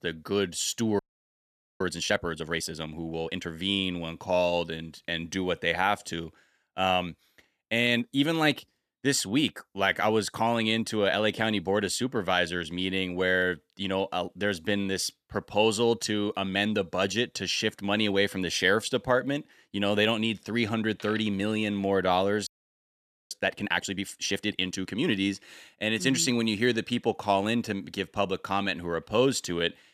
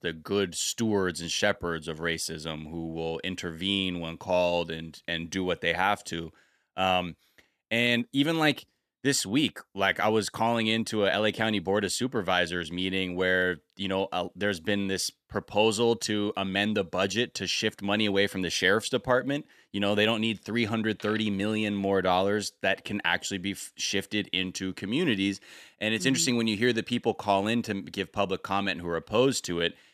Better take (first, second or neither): second